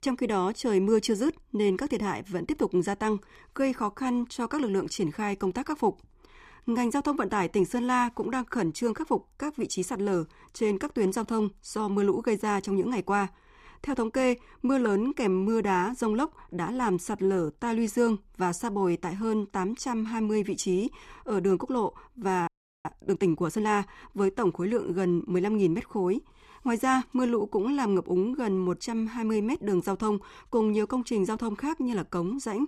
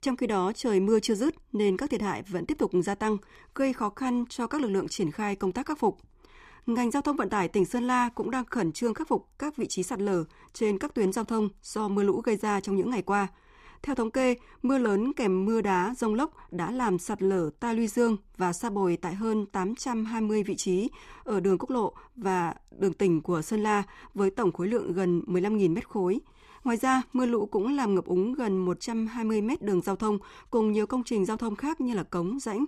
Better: second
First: audio freezing; at 22 s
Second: none

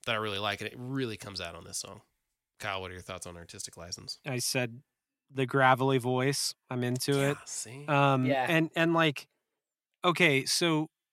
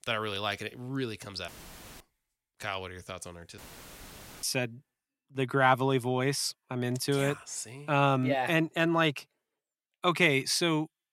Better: first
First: none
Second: audio cutting out; filled with static; at 1.5 s for 0.5 s and at 3.5 s for 1 s

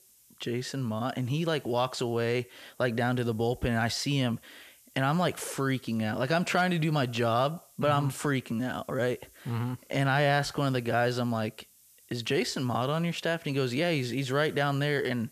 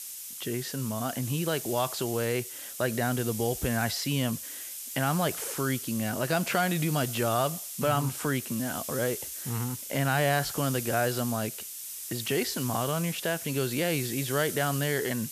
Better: first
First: hiss; faint; throughout; 25 dB below the speech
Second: hiss; loud; throughout; 6 dB below the speech

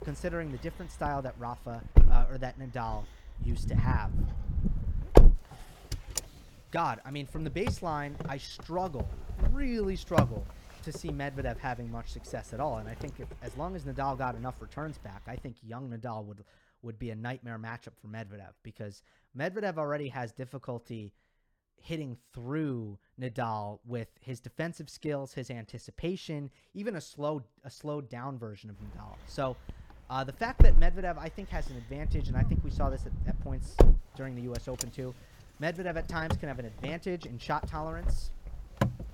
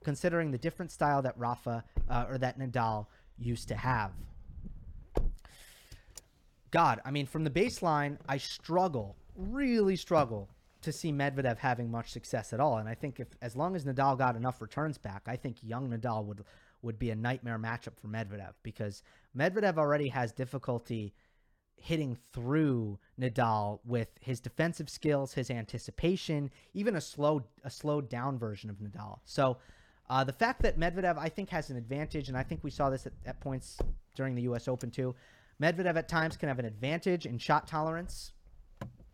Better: second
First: wind noise on the microphone; heavy; until 15 s and from 29 s on; as loud as the speech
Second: wind noise on the microphone; occasional gusts; until 15 s and from 29 s on; 20 dB below the speech

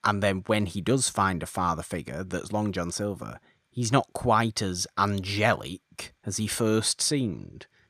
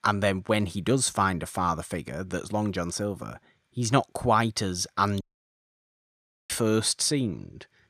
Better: first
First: none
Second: audio cutting out; at 5 s for 1.5 s

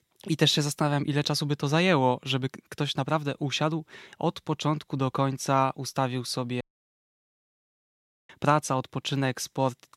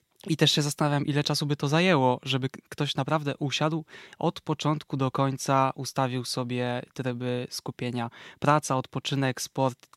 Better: second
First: audio cutting out; at 6.5 s for 1.5 s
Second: none

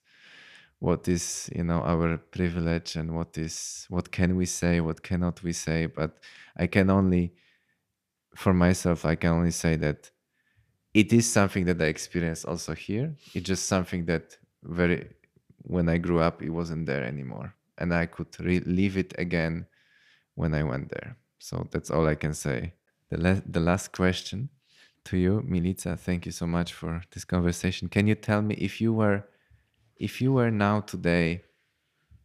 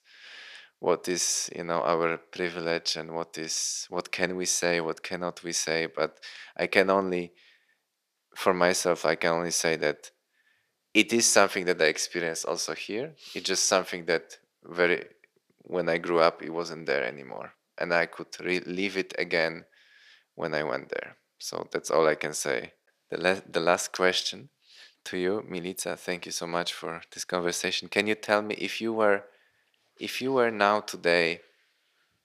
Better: first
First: none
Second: thin; very; fading below 500 Hz

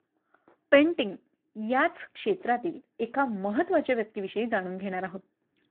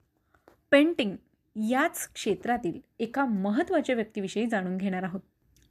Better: second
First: phone-call audio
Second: none

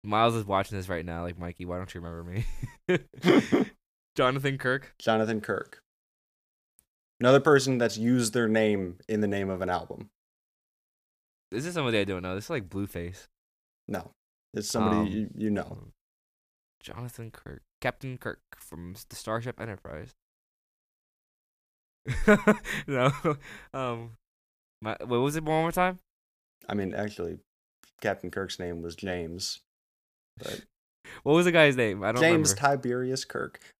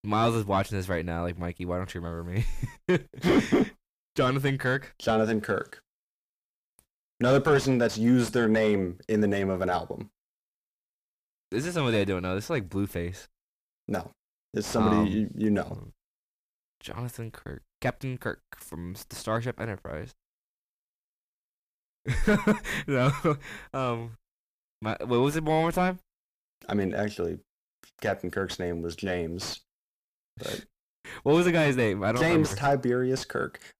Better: first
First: none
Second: distortion; heavy; 7 dB below the speech

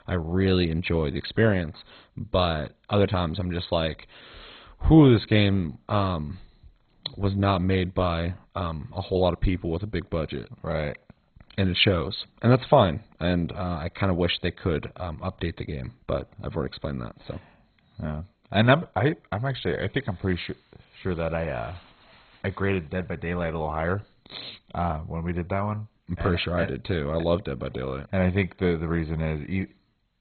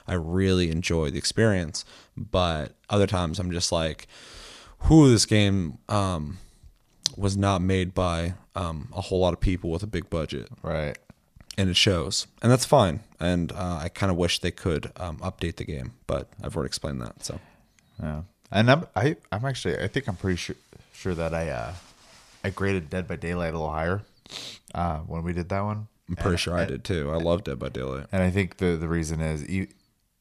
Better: second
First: garbled, watery; badly; nothing above 4 kHz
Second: none

